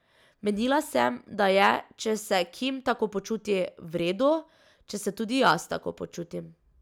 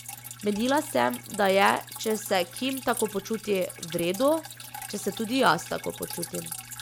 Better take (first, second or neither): first